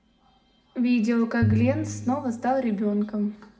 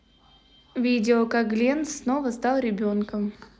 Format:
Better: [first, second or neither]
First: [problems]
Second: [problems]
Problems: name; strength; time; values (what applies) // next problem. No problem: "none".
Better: second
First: background sound (Piano); 5 dB below the speech // room echo; dies away in 1.5 s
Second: none